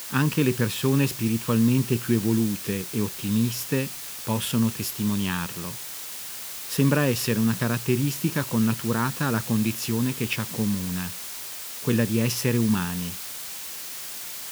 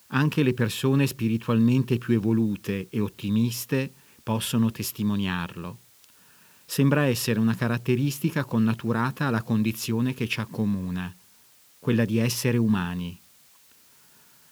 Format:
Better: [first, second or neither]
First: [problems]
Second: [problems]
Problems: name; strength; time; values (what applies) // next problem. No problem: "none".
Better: second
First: hiss; loud; throughout; 8 dB below the speech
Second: hiss; faint; throughout; 30 dB below the speech